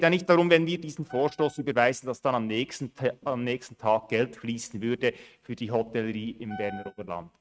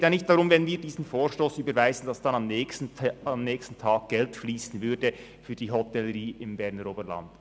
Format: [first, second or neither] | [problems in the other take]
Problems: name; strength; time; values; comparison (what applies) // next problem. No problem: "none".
second | noise reduction (neural mask model RNNoise)